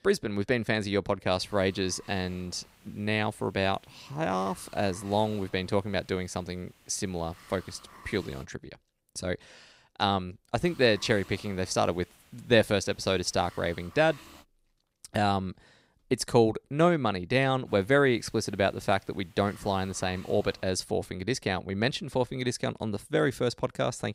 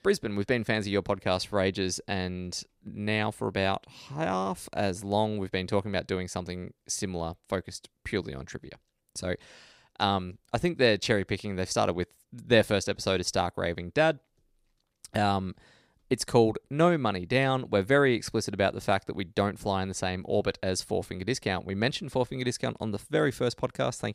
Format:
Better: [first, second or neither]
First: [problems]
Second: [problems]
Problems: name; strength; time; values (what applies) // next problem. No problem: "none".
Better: second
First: hiss; faint; from 1.5 to 8.5 s, from 11 to 14 s and from 18 to 21 s; 25 dB below the speech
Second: none